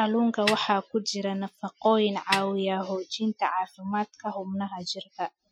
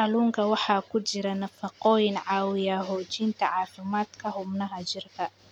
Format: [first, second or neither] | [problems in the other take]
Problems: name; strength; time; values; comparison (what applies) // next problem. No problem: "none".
second | noise reduction (classical method Wiener filter)